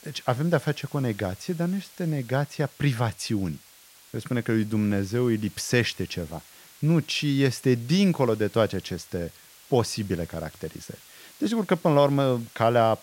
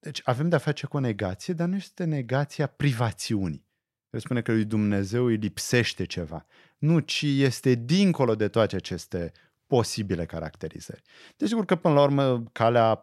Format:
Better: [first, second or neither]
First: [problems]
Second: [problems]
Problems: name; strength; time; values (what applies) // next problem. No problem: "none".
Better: second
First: hiss; faint; throughout; 25 dB below the speech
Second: none